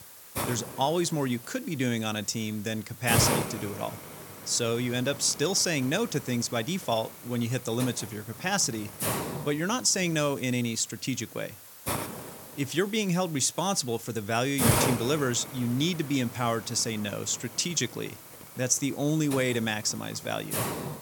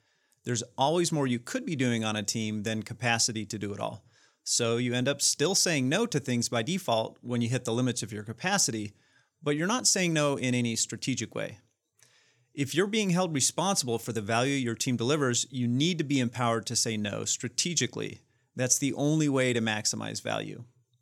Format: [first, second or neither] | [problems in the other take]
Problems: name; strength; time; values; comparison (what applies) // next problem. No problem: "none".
second | hiss; loud; throughout; 6 dB below the speech